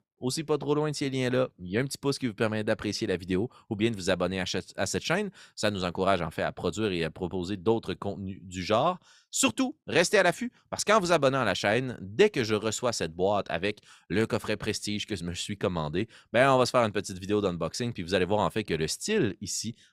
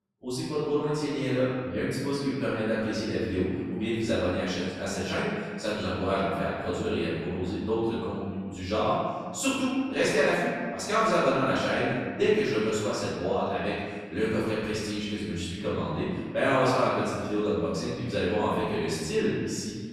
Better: first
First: none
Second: room echo; strong; dies away in 1.7 s // off-mic speech; far

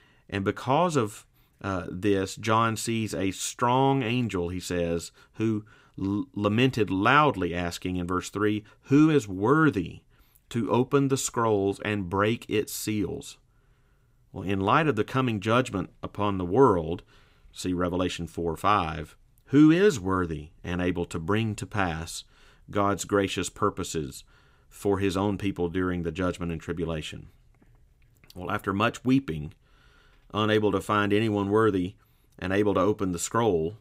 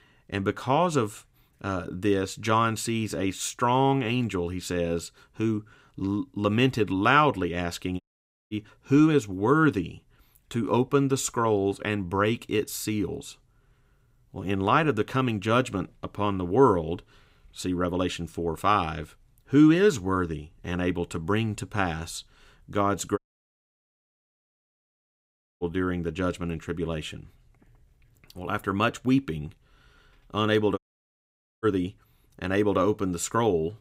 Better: first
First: none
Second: audio cutting out; at 8 s for 0.5 s, at 23 s for 2.5 s and at 31 s for 1 s

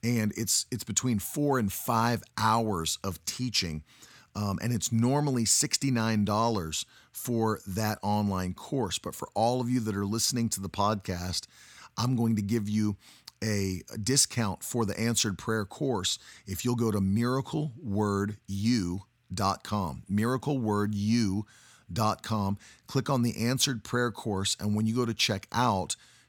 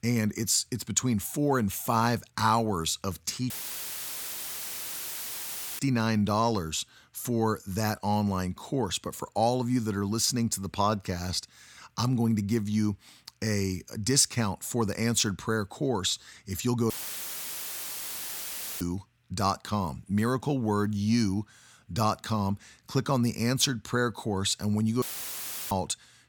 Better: first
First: none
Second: audio cutting out; filled with static; at 3.5 s for 2.5 s, at 17 s for 2 s and at 25 s for 0.5 s

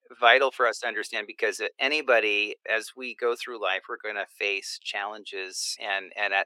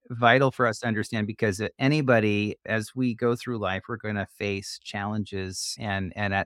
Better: second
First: thin; very; fading below 400 Hz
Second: none

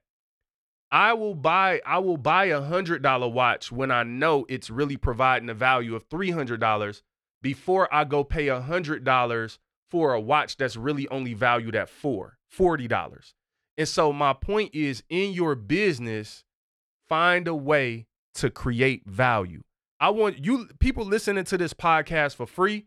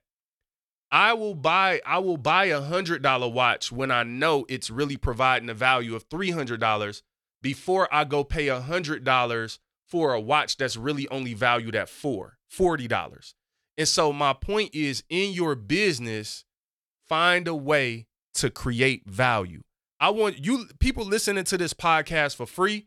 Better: second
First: muffled; slightly; fading above 3 kHz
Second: none

